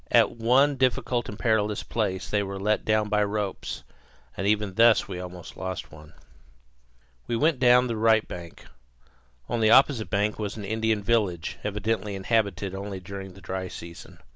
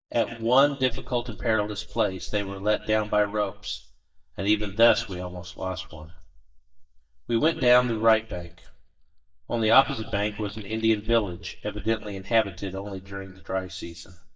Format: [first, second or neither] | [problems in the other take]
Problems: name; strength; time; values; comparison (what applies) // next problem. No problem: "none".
first | noise reduction (neural mask model DeepFilterNet 3)